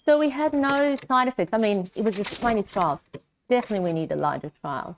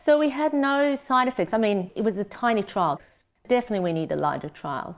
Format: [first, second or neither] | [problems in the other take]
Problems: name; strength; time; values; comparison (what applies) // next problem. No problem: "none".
second | noise reduction (neural mask model RNNoise)